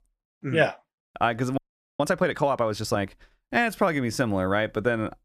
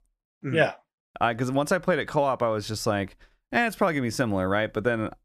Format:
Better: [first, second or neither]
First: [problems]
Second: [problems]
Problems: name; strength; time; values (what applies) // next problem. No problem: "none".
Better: second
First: audio freezing; at 1.5 s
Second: none